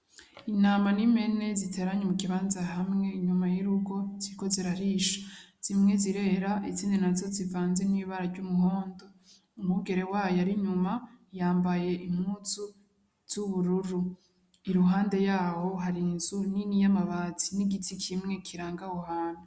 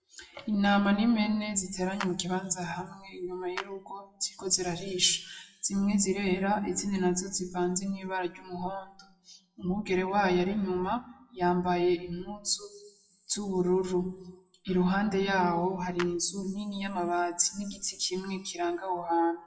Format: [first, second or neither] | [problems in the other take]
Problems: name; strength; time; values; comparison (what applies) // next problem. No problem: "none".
first | noise reduction (classical method WPE with log-MMSE)